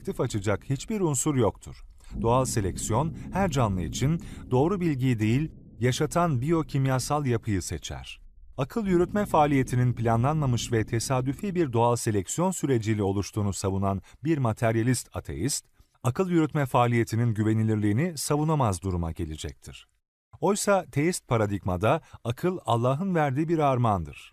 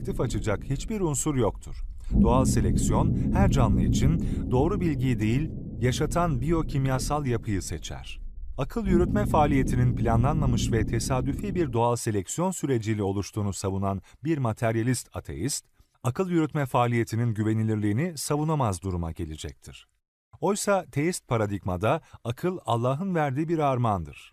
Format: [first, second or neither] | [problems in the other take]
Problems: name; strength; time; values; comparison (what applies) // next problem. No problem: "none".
first | low rumble; loud; until 12 s; 8 dB below the speech; faint in the first